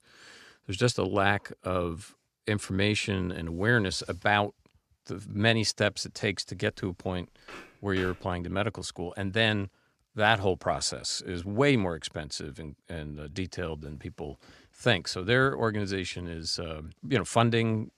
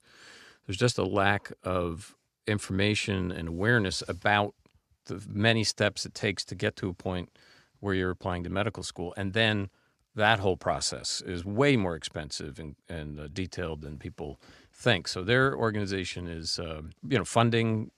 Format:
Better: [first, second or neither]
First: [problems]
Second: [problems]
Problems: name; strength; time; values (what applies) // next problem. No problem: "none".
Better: second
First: footsteps; faint; from 7 to 8 s; peak 15 dB below the speech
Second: none